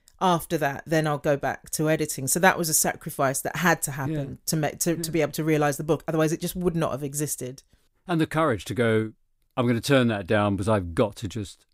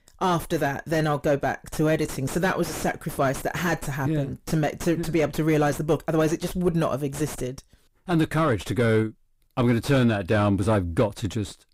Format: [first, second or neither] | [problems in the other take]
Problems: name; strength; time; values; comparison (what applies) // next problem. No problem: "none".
first | distortion; heavy; 4 dB below the speech